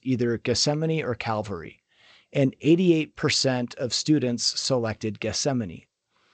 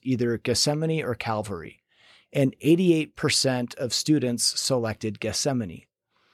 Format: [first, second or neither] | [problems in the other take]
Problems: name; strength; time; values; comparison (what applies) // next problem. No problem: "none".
second | garbled, watery; slightly; nothing above 8 kHz